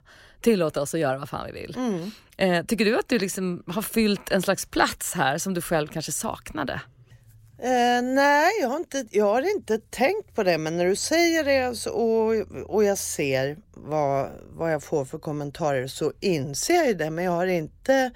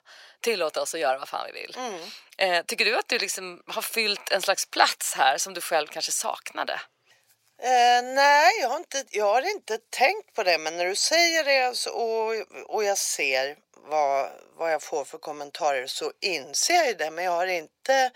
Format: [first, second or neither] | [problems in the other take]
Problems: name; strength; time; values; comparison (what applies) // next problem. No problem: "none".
first | thin; very; fading below 650 Hz